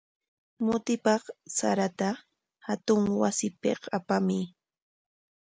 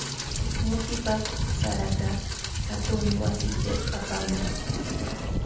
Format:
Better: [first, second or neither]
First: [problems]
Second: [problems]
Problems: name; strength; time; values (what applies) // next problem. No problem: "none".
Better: first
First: none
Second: background sound (Rain); 5 dB above the speech // room echo; dies away in 0.9 s